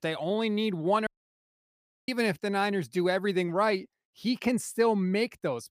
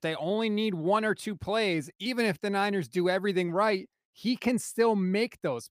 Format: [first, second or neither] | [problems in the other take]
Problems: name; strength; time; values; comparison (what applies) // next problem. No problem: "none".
second | audio cutting out; at 1 s for 1 s